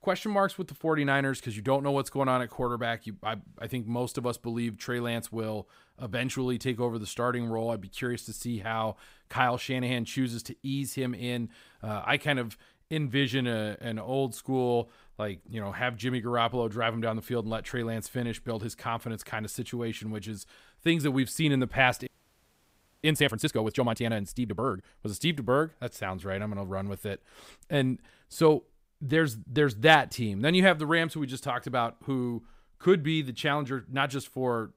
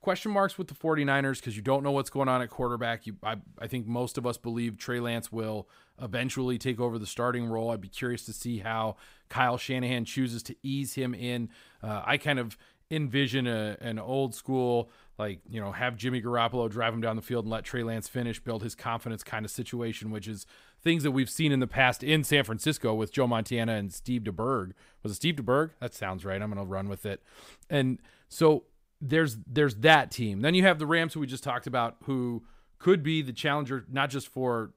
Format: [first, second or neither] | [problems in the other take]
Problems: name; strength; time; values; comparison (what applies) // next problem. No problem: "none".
second | audio freezing; at 22 s for 1 s